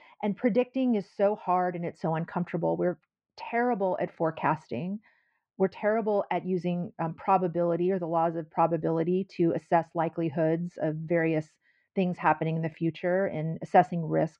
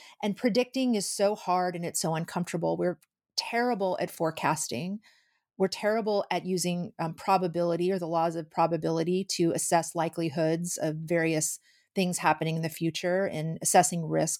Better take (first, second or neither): second